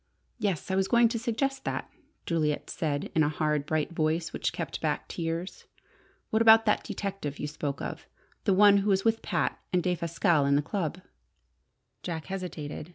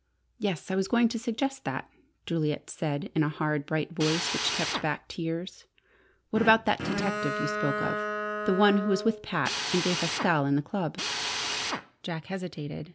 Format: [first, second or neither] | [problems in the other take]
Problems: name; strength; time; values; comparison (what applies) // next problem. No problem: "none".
first | background sound (Bowed string instrument + Drill); 4 dB below the speech